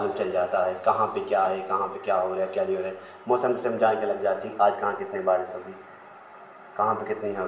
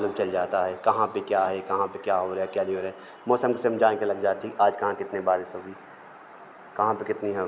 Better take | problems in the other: second | room echo; dies away in 0.8 s

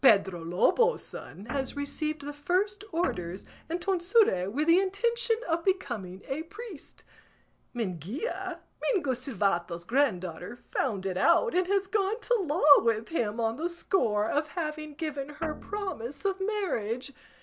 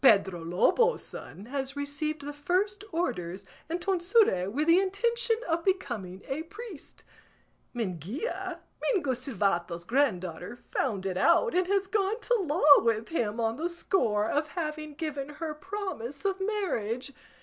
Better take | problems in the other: second | background sound (Guitar); 15 dB below the speech

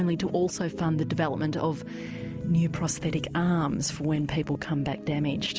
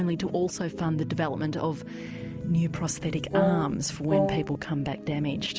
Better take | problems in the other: first | background sound (Wind instrument, woodwind instrument); as loud as the speech

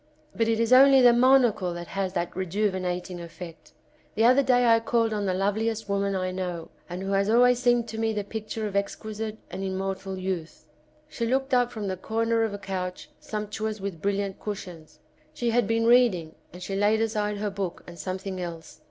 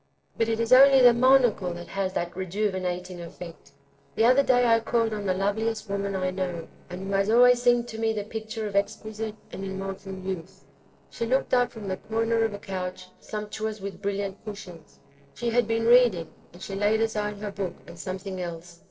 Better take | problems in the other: first | noise reduction (neural separator model SepFormer DNS4)

